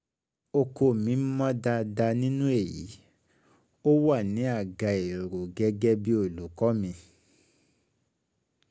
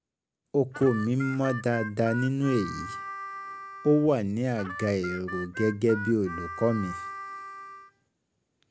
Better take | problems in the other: first | background sound (Harmonica); 11 dB below the speech

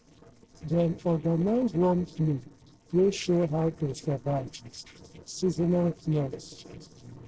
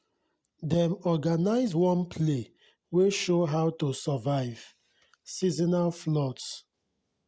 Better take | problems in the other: second | noise reduction (neural separator model SepFormer DNS4)

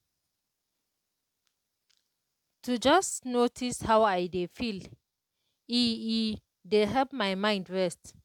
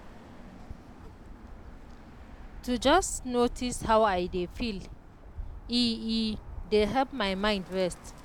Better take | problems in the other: first | background sound (Bird); 12 dB below the speech

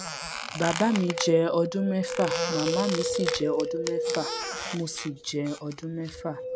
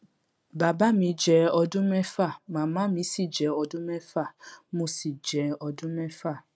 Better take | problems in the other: second | background sound (Wind + Squeak); 3 dB below the speech

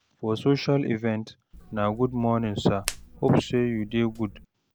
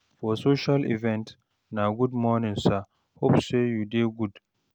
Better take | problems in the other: second | background sound (Hands); 16 dB below the speech

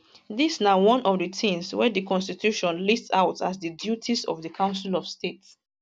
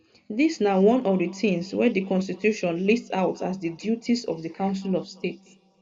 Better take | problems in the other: first | room echo; dies away in 2 s

